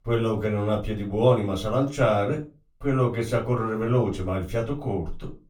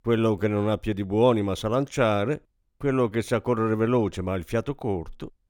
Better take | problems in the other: second | off-mic speech; far // room echo; very slight; dies away in 0.2 s

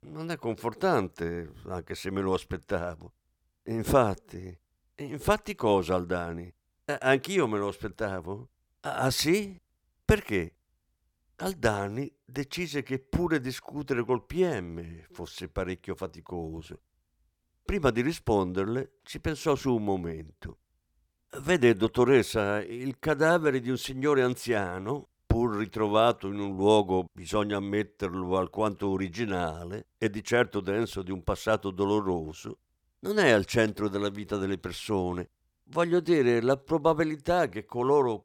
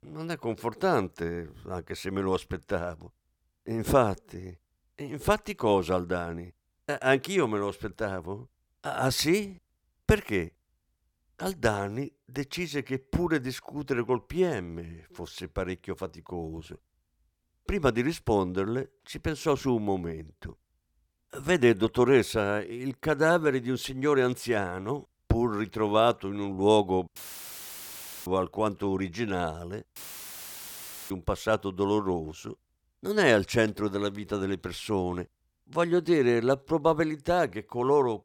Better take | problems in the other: first | audio cutting out; filled with static; at 27 s for 1 s and at 30 s for 1 s

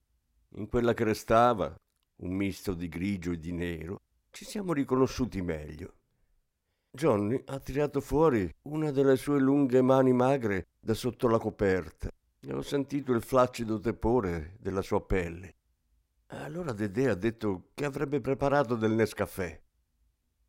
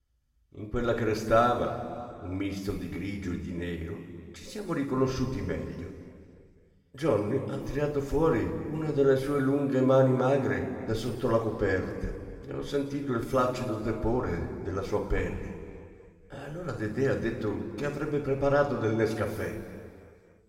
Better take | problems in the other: first | room echo; noticeable; dies away in 1.9 s // off-mic speech; far

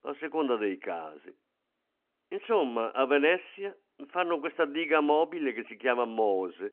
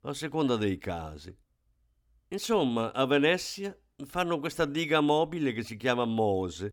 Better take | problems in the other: second | phone-call audio

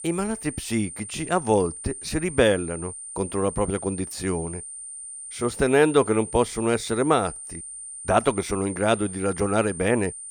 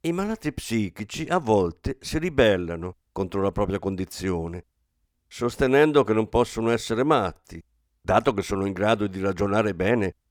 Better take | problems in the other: second | high-pitched whine; noticeable; throughout; 9 kHz, 10 dB below the speech

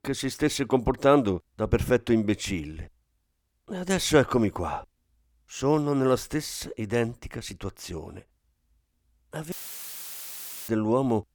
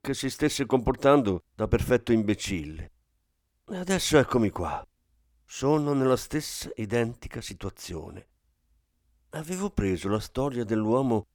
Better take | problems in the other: second | audio cutting out; filled with static; at 9.5 s for 1 s

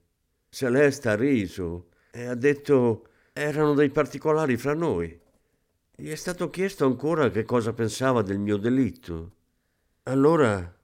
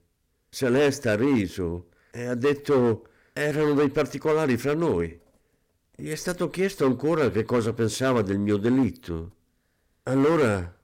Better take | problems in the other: first | distortion; slight; 7% of the sound clipped

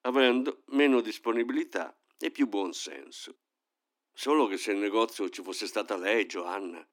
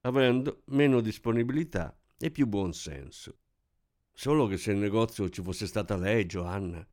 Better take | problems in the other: second | thin; very slightly; fading below 250 Hz

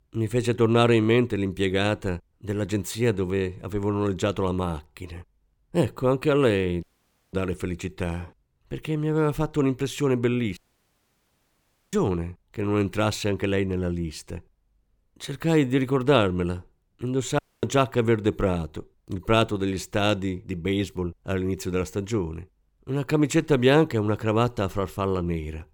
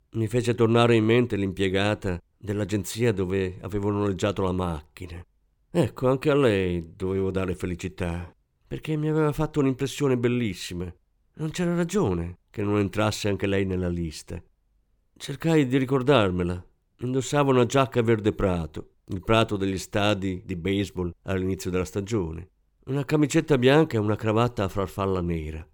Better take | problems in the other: second | audio cutting out; at 7 s for 0.5 s, at 11 s for 1.5 s and at 17 s

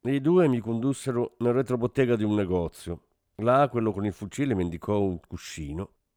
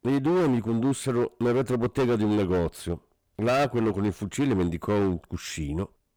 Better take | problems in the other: first | distortion; heavy; 16% of the sound clipped

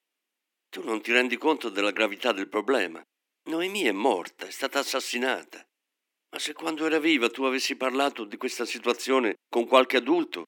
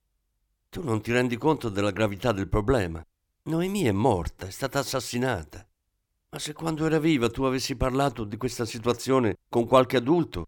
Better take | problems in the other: second | thin; very slightly; fading below 250 Hz

